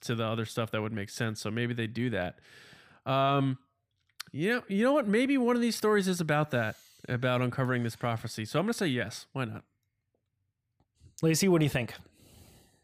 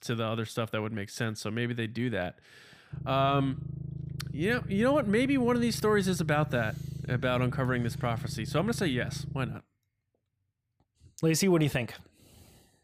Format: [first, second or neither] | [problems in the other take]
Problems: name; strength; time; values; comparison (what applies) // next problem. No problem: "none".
first | low rumble; noticeable; from 3 to 9.5 s; 20 dB below the speech